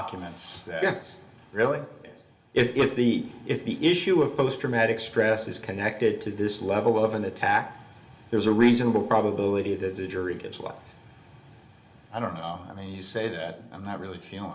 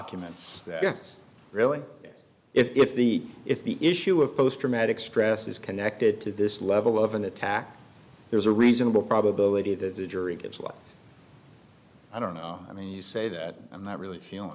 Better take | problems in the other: second | room echo; dies away in 0.9 s

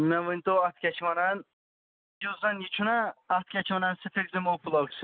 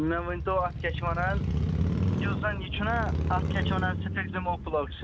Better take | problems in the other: first | background sound (Motorcycle); 2 dB above the speech

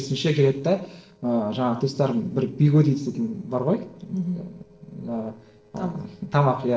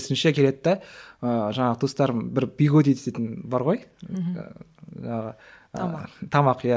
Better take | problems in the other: second | noise reduction (neural separator model SepFormer DNS4)

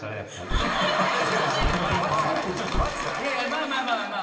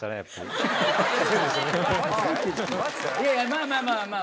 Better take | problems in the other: second | background sound (Gunshot, gunfire); 7 dB below the speech // room echo; dies away in 2.3 s

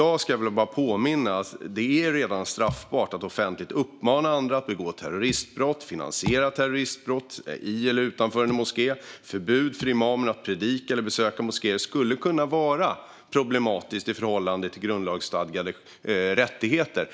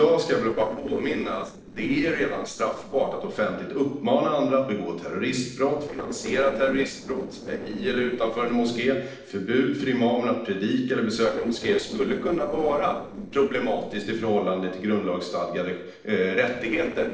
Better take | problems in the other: first | noise reduction (neural separator model SepFormer DNS4)

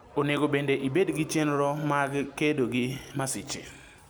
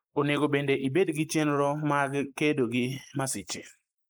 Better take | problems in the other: first | noise reduction (neural mask model Resemble Enhance denoiser)

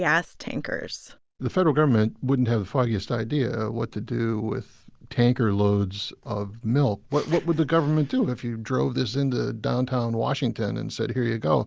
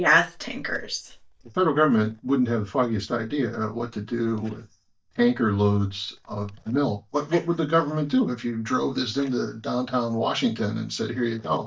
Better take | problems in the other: first | noise reduction (neural mask model DeepFilterNet 3)

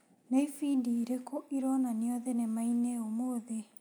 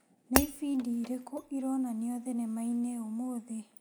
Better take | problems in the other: first | background sound (Shatter); 1 dB below the speech

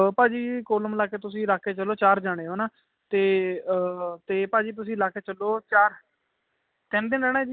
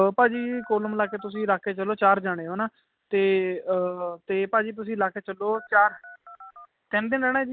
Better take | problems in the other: first | background sound (Telephone); 20 dB below the speech

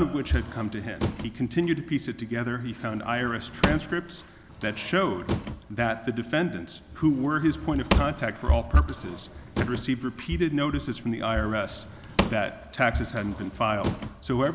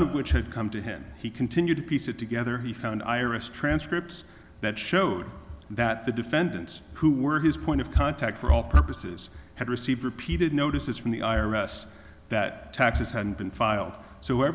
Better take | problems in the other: second | background sound (Drawer open or close / Wood); 8 dB below the speech

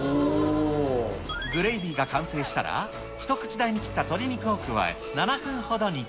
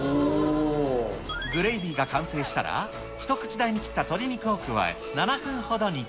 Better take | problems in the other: second | background sound (Engine); 15 dB below the speech

